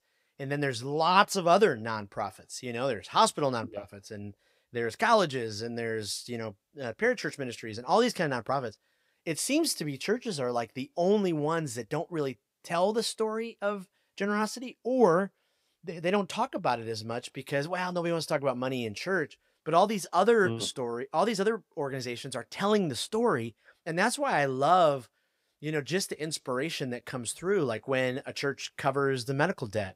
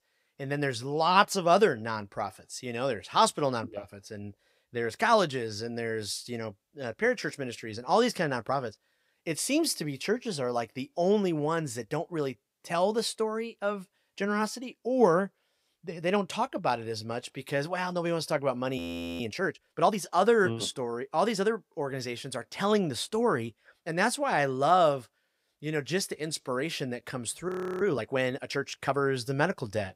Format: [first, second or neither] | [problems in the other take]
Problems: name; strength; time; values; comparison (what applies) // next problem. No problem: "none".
first | audio freezing; at 19 s and at 27 s